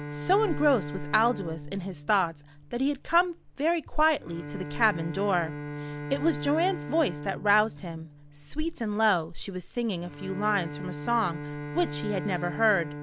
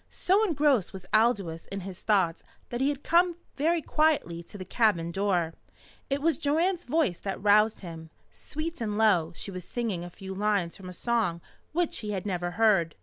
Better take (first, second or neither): second